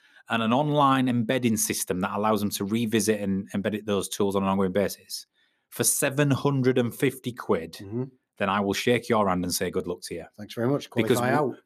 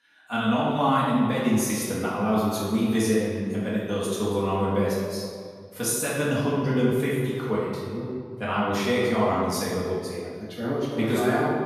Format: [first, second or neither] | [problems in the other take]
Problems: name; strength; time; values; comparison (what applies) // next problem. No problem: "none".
first | room echo; strong; dies away in 1.8 s // off-mic speech; far